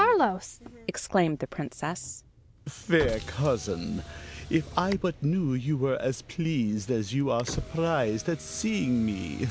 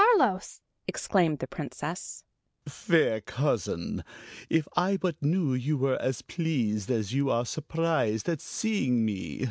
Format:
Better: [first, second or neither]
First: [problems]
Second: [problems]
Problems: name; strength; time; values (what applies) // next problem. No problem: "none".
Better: second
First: background sound (Motor vehicle (road)); 15 dB below the speech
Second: none